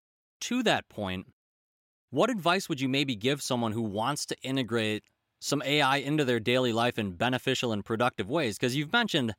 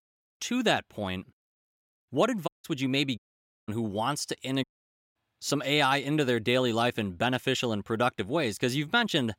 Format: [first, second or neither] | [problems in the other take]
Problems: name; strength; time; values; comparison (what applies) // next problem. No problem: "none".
first | audio cutting out; at 2.5 s, at 3 s for 0.5 s and at 4.5 s for 0.5 s